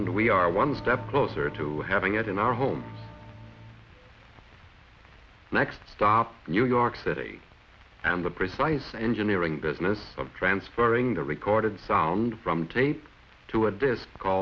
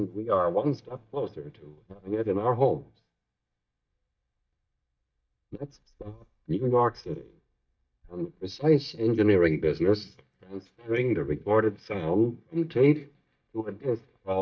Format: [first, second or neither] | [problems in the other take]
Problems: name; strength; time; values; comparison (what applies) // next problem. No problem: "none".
first | noise reduction (neural mask model DeepFilterNet 3)